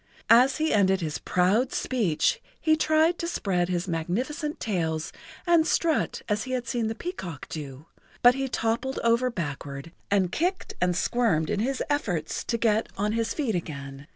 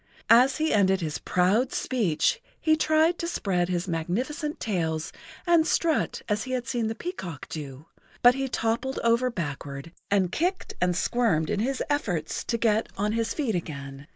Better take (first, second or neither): first